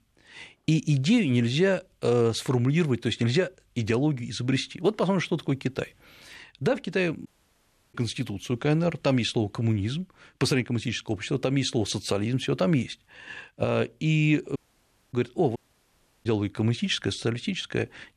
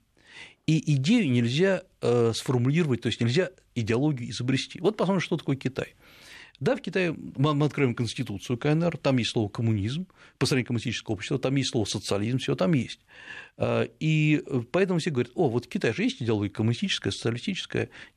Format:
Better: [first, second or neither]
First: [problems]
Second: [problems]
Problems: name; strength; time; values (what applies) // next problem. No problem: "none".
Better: second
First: audio cutting out; at 7.5 s for 0.5 s, at 15 s for 0.5 s and at 16 s for 0.5 s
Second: none